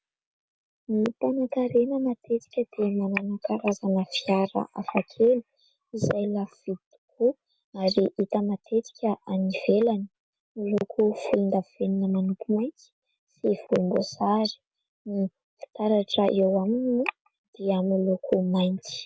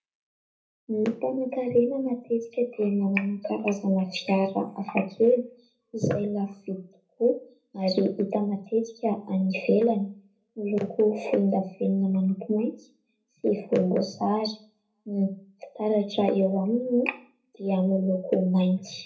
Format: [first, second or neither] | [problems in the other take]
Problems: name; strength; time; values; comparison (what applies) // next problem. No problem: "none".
first | room echo; dies away in 0.3 s